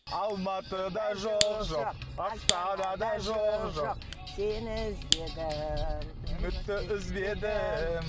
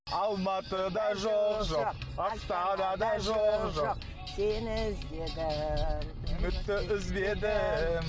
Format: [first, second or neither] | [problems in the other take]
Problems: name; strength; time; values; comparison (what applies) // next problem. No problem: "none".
second | background sound (Fire); 8 dB below the speech